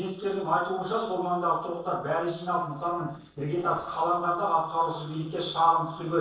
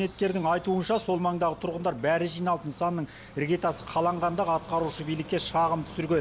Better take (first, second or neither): second